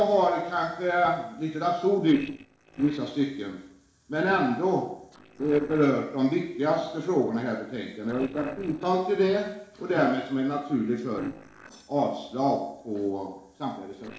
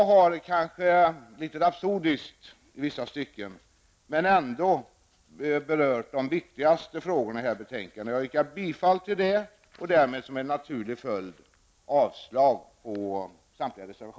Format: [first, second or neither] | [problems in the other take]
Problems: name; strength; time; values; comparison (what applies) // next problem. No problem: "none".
second | noise reduction (neural separator model SepFormer DNS4)